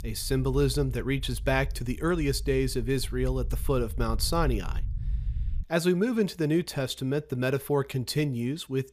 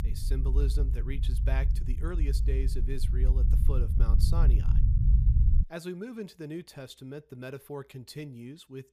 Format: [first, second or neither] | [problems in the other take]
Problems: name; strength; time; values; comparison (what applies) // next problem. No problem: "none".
first | low rumble; loud; until 5.5 s; 4 dB below the speech; faint in the first